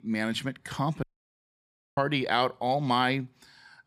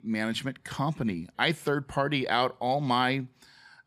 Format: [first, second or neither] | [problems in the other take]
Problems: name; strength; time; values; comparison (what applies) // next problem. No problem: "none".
second | audio cutting out; at 1 s for 1 s